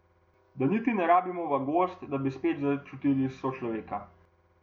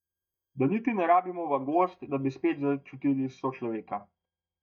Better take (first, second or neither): first